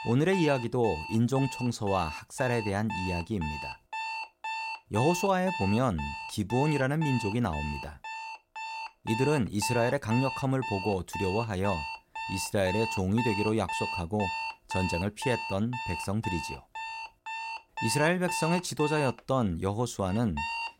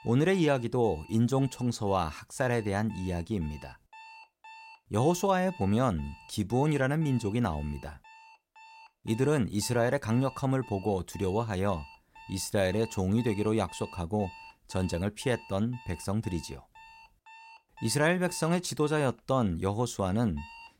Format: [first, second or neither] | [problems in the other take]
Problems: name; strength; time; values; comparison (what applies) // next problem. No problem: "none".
second | alarms or sirens; loud; throughout; 6 dB below the speech; faint in the second